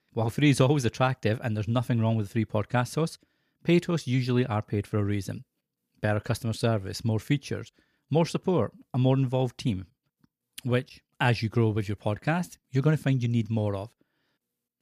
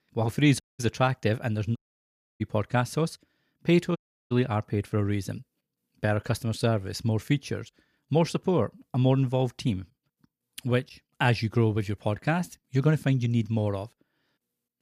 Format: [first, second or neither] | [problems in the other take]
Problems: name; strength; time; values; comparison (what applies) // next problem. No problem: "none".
first | audio cutting out; at 0.5 s, at 2 s for 0.5 s and at 4 s